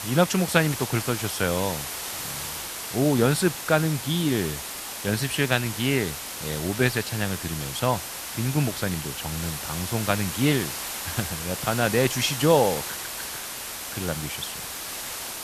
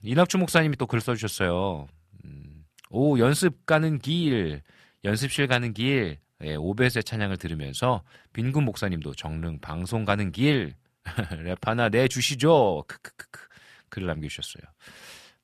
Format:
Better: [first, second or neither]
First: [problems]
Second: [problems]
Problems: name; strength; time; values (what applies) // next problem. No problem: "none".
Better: second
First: hiss; loud; throughout; 6 dB below the speech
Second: none